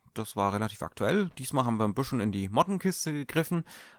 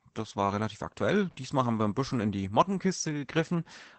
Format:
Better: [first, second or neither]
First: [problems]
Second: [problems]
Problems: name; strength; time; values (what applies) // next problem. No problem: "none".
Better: first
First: garbled, watery; slightly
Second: garbled, watery; badly; nothing above 8 kHz